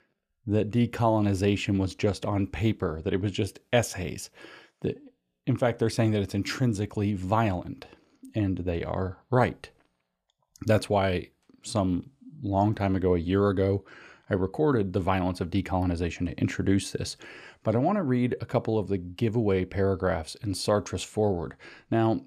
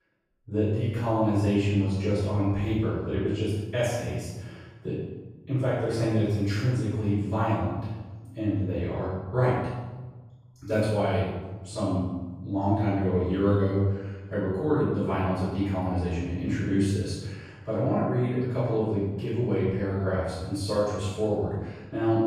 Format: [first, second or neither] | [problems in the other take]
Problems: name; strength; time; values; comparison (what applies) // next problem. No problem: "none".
first | off-mic speech; far // room echo; strong; dies away in 1.1 s